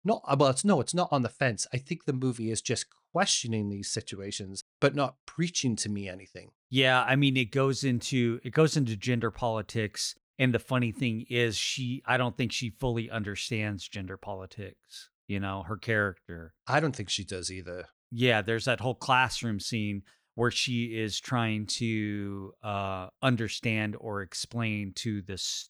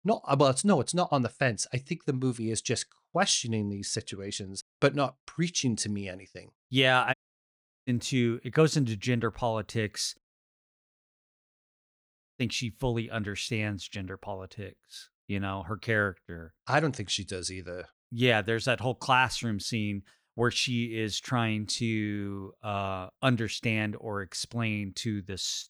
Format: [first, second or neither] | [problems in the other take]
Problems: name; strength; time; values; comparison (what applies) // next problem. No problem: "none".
first | audio cutting out; at 7 s for 0.5 s and at 10 s for 2 s